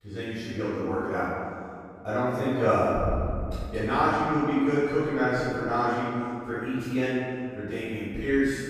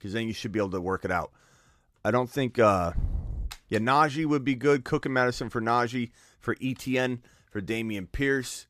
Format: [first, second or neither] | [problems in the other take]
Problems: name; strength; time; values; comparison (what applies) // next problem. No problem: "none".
second | off-mic speech; far // room echo; strong; dies away in 2.3 s